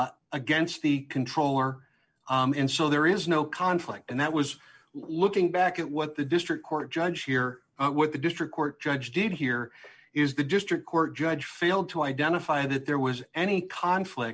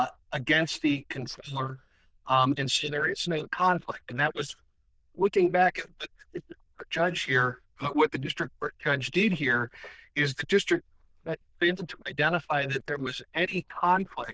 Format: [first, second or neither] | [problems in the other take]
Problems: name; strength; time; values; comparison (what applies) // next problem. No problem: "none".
first | noise reduction (neural diffusion model UNIVERSE++)